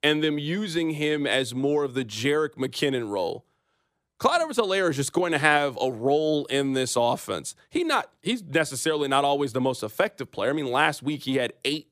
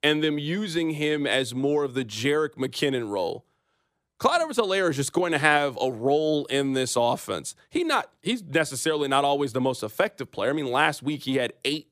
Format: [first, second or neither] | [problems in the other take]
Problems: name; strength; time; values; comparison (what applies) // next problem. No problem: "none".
neither | none